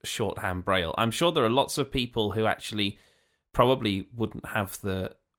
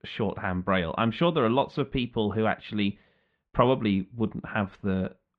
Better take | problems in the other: first | muffled; very; fading above 3 kHz

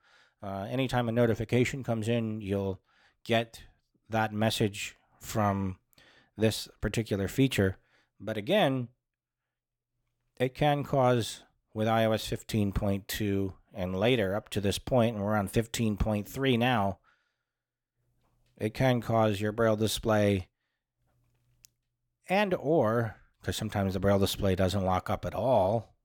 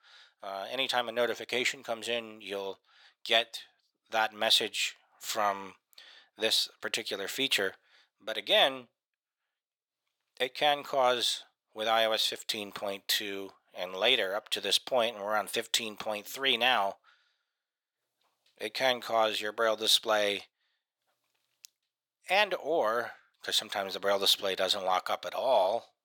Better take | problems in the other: first | thin; very; fading below 650 Hz

